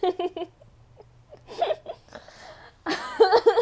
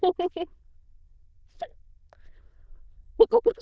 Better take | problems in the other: first | noise reduction (neural diffusion model UNIVERSE++)

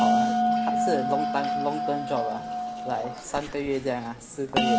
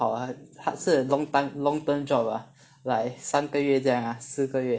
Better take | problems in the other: second | background sound (Bell); 4 dB above the speech

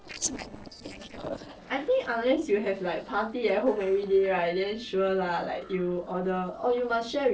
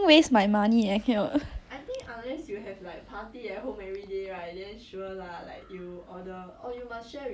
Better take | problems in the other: second | noise reduction (neural separator model SepFormer DNS4)

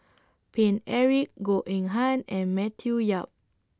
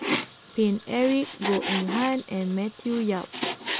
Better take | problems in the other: first | background sound (Frying (food)); 6 dB below the speech

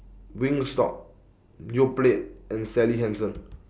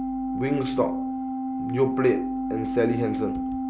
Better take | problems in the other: first | background sound (Organ); 1 dB below the speech

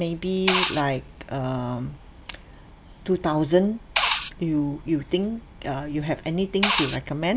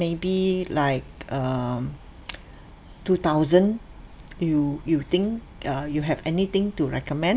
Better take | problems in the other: second | background sound (Liquid); 1 dB below the speech

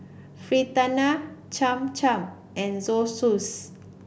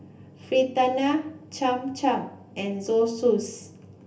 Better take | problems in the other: first | room echo; dies away in 0.3 s

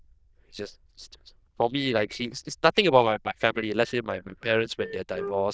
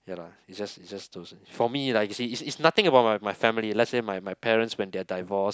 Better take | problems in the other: second | noise reduction (neural diffusion model UNIVERSE++)

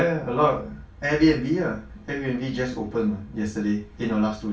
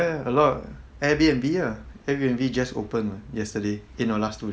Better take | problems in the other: second | room echo; dies away in 0.2 s

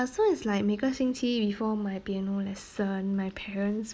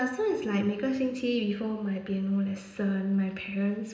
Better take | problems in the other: first | room echo; dies away in 0.8 s

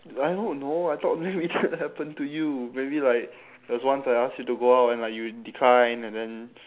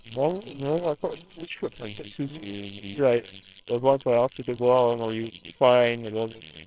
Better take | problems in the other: first | noise reduction (neural separator model SepFormer WHAMR!)

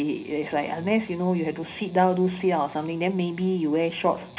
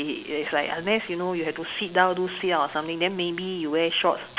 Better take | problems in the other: second | room echo; dies away in 0.4 s

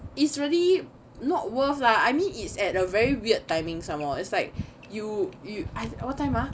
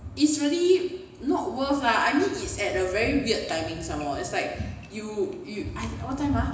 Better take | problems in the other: first | room echo; dies away in 1 s

